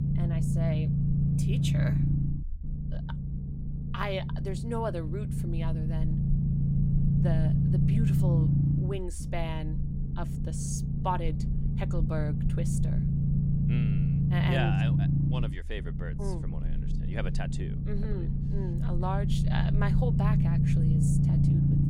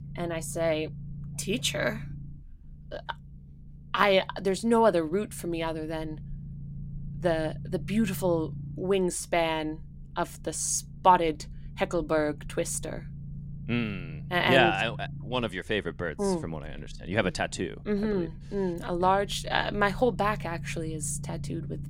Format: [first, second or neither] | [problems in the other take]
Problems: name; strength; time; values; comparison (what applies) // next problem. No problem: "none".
second | low rumble; loud; throughout; as loud as the speech; faint in the second